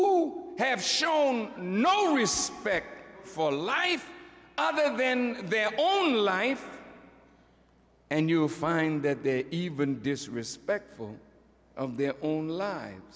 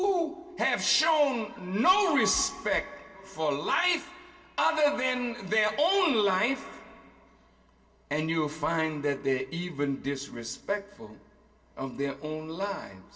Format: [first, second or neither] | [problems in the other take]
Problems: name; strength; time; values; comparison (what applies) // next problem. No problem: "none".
first | room echo; dies away in 0.2 s